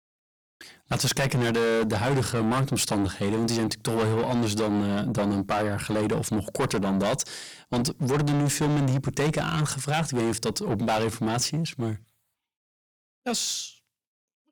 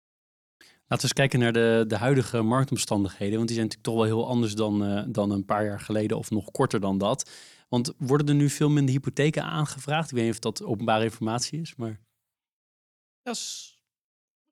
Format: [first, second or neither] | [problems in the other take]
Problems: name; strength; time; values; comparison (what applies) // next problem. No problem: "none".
second | distortion; heavy; 6 dB below the speech